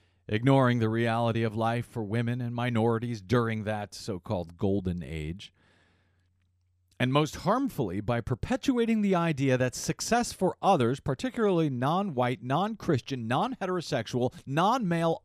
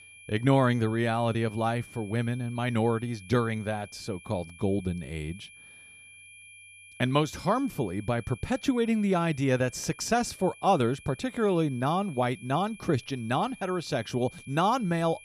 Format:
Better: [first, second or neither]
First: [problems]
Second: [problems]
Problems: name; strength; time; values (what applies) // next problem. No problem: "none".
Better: first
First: none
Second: high-pitched whine; noticeable; throughout; 2.5 kHz, 20 dB below the speech